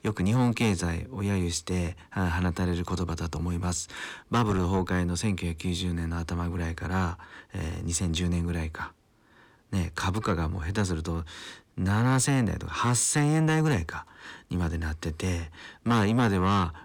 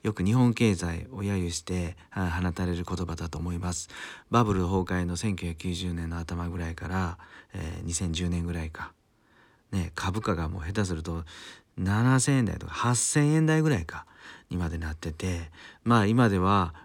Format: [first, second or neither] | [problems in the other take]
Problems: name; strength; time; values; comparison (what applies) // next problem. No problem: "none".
second | distortion; slight; 10 dB below the speech